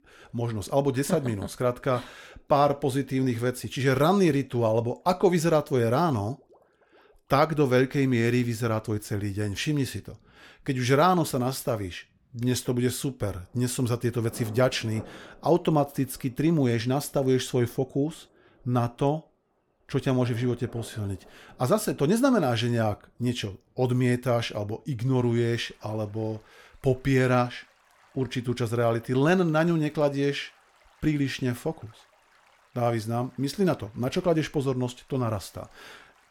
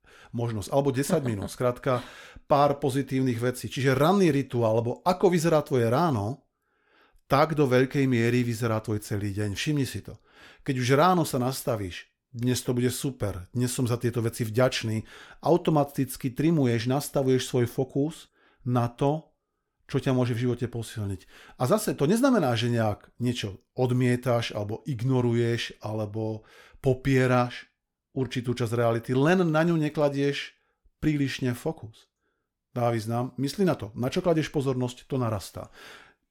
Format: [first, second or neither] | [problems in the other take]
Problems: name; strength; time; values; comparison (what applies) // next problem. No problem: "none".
second | rain or running water; faint; throughout; 30 dB below the speech